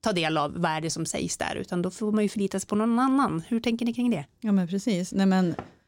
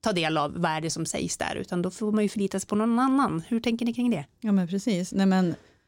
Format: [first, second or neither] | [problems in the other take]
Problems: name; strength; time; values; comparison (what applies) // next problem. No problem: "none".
second | door banging; faint; at 5.5 s; peak 15 dB below the speech